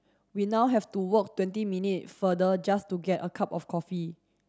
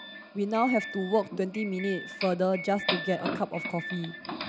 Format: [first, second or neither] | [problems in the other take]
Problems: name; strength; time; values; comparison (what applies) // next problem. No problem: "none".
first | background sound (Doorbell); 7 dB below the speech